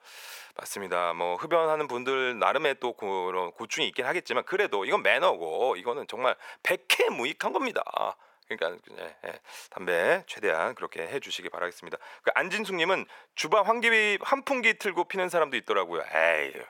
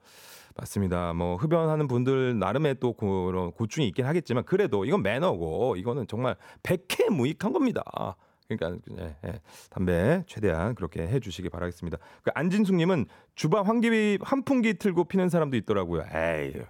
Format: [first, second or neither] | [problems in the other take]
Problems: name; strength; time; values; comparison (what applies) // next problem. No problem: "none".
second | thin; very; fading below 650 Hz